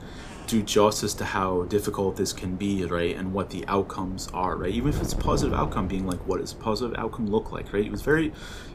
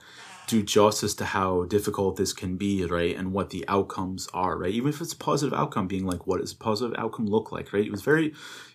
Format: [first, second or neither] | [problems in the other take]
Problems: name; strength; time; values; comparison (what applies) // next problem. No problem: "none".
second | wind noise on the microphone; occasional gusts; 15 dB below the speech